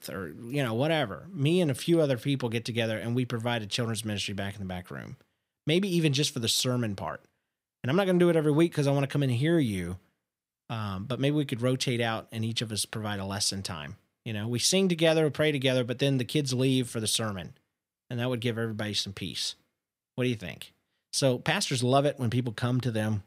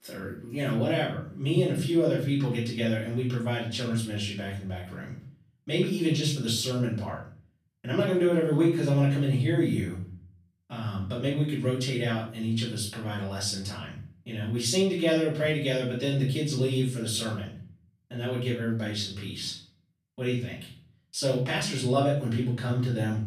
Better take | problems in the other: first | off-mic speech; far // room echo; noticeable; dies away in 0.5 s

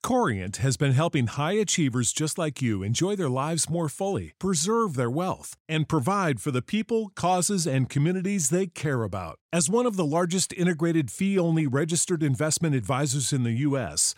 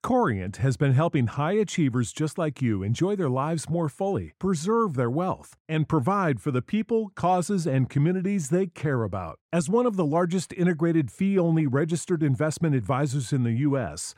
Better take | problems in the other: first | muffled; slightly; fading above 2.5 kHz

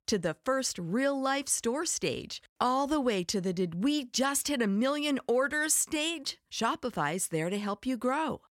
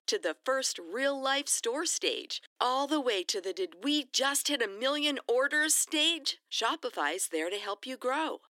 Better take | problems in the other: first | thin; very slightly; fading below 300 Hz

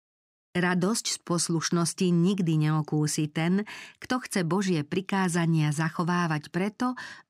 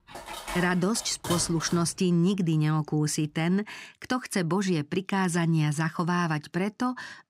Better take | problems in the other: first | clattering dishes; noticeable; until 2 s; peak 7 dB below the speech

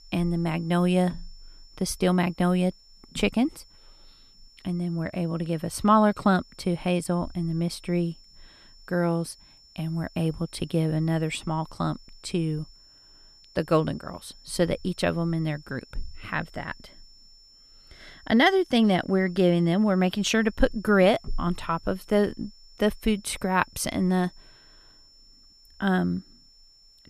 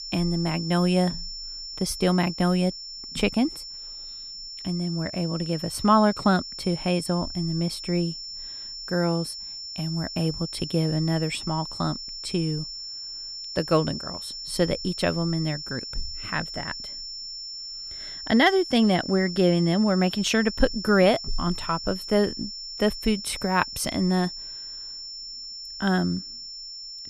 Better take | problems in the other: first | high-pitched whine; loud; throughout; 5.5 kHz, 9 dB below the speech; faint in the first

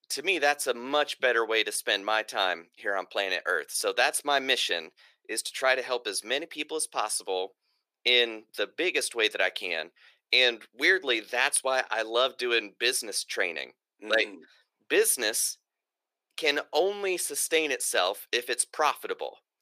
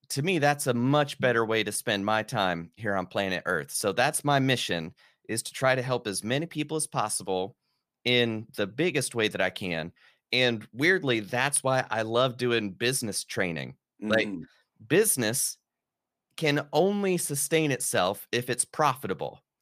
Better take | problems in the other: second | thin; very; fading below 400 Hz

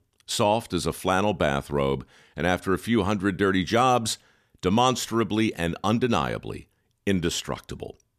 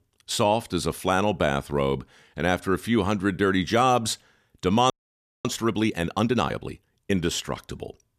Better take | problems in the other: first | audio freezing; at 5 s for 0.5 s

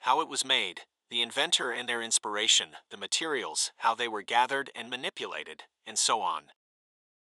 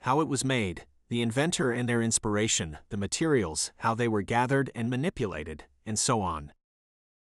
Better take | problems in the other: second | thin; very; fading below 600 Hz

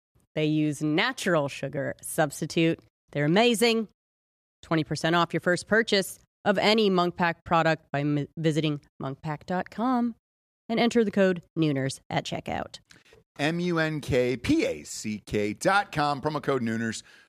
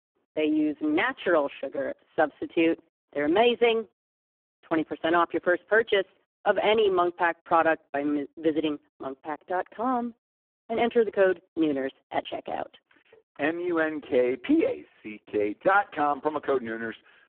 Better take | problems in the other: first | phone-call audio; poor line; nothing above 3 kHz

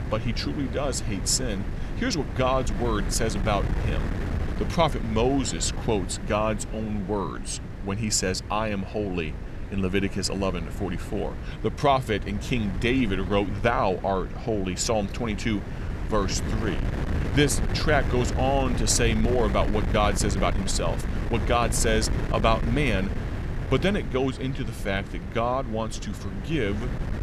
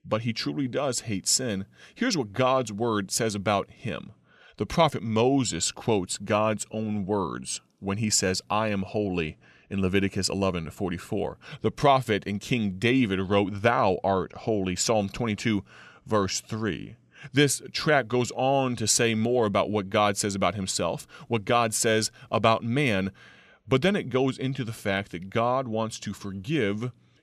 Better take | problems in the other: second | wind noise on the microphone; occasional gusts; 10 dB below the speech

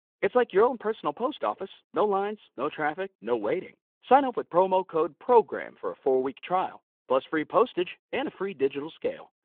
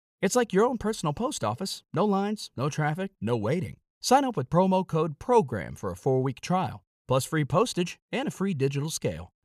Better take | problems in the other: second | phone-call audio

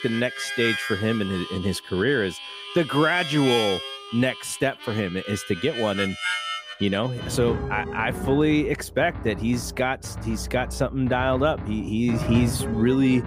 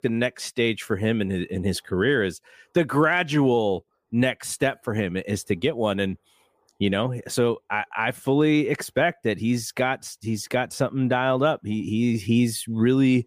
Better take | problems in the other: second | background music; loud; throughout; 7 dB below the speech

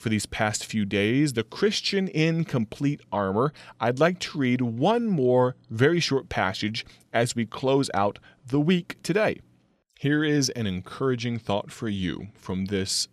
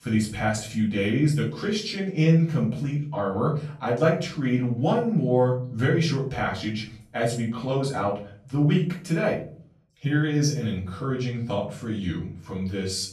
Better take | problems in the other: first | off-mic speech; far // room echo; noticeable; dies away in 0.5 s

